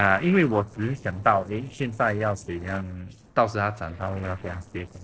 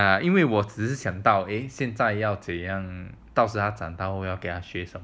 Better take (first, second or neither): second